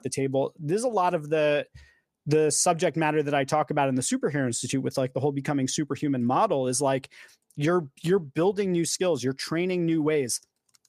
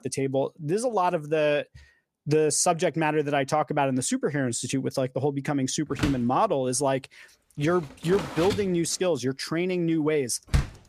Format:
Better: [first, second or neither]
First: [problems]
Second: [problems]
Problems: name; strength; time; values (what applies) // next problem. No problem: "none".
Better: first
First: none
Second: door banging; noticeable; from 6 s on; peak 3 dB below the speech